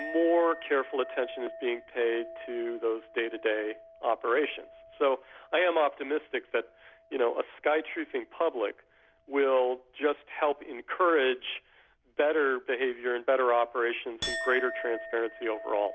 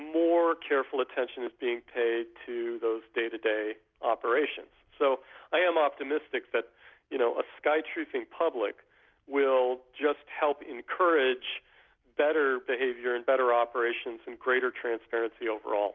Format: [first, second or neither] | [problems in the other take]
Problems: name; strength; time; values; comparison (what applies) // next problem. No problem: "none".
second | background sound (Chink, clink); 15 dB below the speech